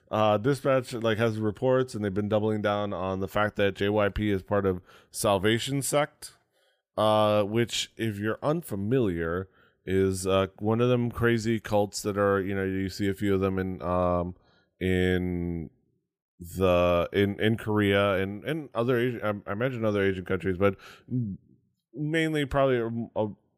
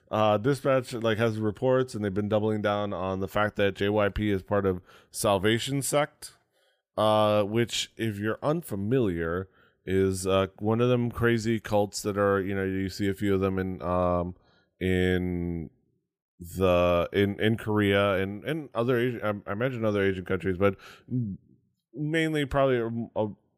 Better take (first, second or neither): neither